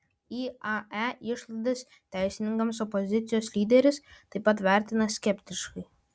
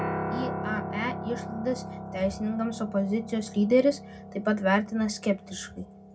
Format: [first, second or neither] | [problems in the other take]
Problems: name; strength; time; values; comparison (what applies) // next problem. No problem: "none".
first | background sound (Piano); 8 dB below the speech // room echo; dies away in 0.2 s